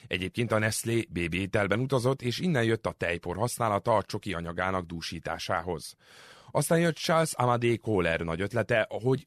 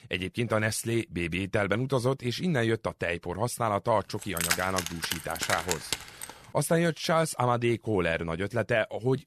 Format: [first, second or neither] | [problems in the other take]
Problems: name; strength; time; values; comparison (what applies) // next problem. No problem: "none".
first | jangling keys; loud; from 4 to 6.5 s; peak 1 dB above the speech